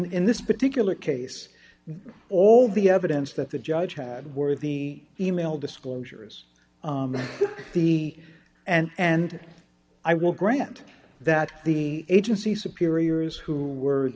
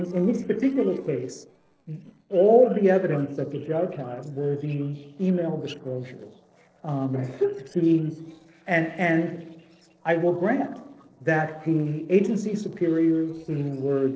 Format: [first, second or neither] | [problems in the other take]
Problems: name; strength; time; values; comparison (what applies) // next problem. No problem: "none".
first | noise reduction (neural separator model SepFormer DNS4)